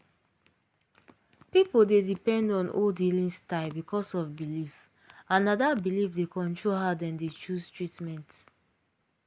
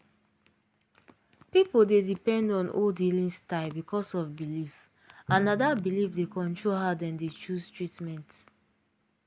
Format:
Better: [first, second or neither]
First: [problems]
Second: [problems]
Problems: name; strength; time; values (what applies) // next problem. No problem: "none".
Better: first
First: none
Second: background sound (Drum); 17 dB below the speech